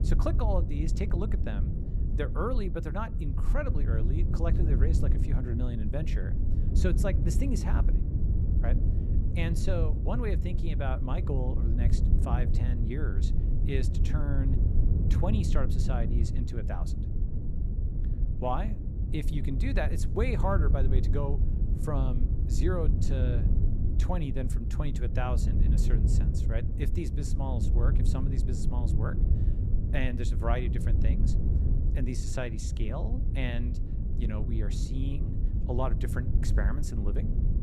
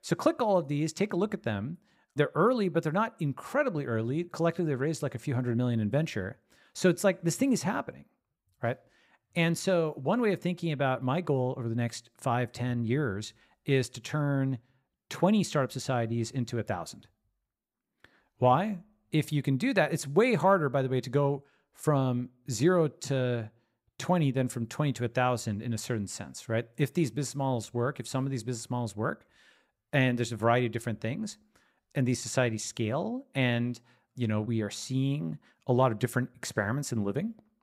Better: second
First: wind noise on the microphone; heavy; 6 dB below the speech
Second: none

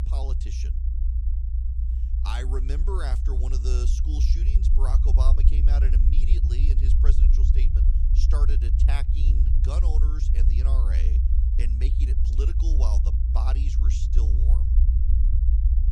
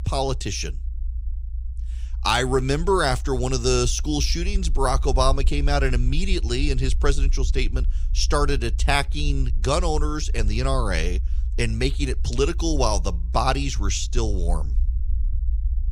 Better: second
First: low rumble; loud; throughout; 3 dB below the speech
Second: low rumble; faint; throughout; 25 dB below the speech

